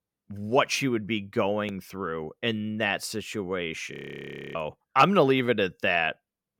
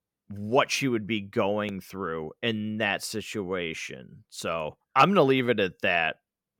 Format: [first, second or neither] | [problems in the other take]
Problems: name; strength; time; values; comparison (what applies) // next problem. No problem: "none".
second | audio freezing; at 4 s for 0.5 s